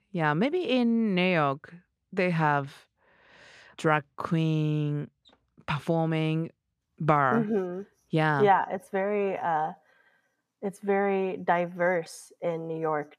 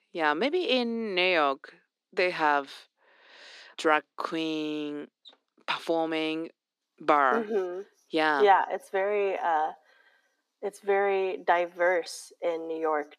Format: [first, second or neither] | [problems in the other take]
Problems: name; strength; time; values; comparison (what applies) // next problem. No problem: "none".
first | thin; somewhat; fading below 300 Hz